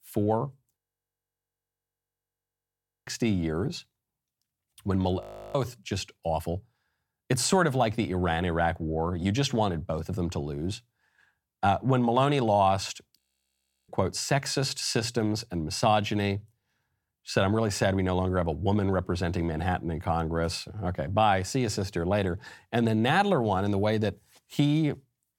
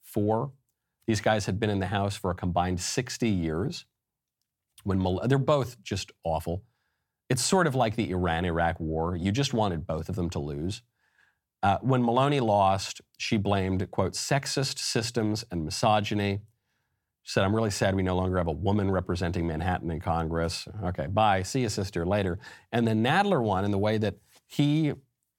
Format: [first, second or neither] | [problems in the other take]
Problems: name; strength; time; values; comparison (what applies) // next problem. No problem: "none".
second | audio freezing; at 1 s for 2.5 s, at 5 s and at 13 s for 0.5 s